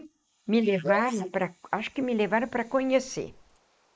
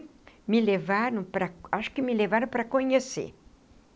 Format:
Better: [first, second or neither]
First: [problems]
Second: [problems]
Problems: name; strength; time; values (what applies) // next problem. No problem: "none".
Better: second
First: noise reduction (neural mask model Resemble Enhance denoiser)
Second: none